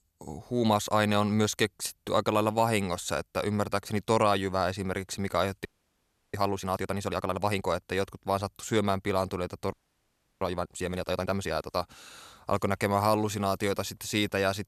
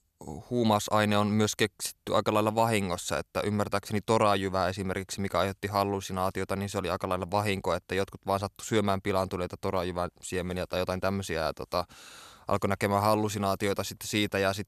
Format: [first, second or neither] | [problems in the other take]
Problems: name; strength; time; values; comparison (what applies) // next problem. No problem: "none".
second | audio freezing; at 5.5 s for 0.5 s and at 9.5 s for 0.5 s